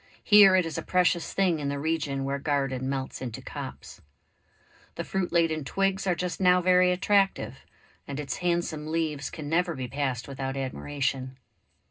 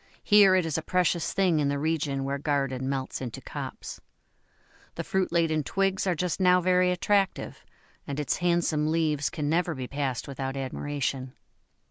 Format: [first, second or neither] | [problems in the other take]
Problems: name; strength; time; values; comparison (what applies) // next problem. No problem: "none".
second | room echo; dies away in 0.2 s